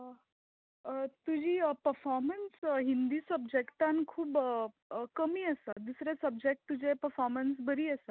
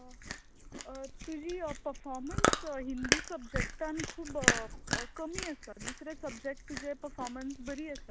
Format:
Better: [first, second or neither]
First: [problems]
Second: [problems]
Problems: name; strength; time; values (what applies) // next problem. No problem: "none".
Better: first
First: none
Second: background sound (Chewing, mastication); 4 dB above the speech